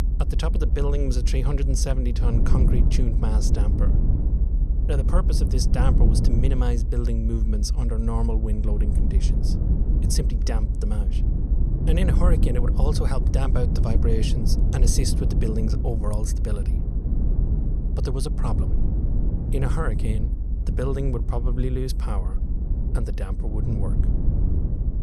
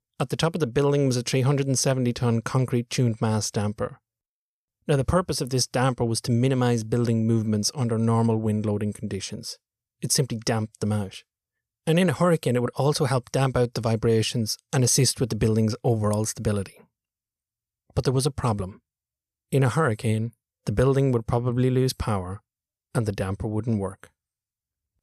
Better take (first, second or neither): second